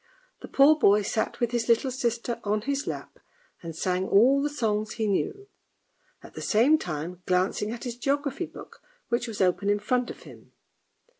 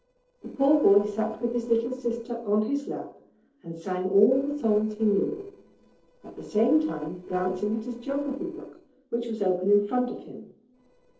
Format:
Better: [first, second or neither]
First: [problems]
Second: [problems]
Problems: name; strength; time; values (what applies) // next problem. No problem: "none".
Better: first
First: none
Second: noise reduction (neural separator model SepFormer DNS4)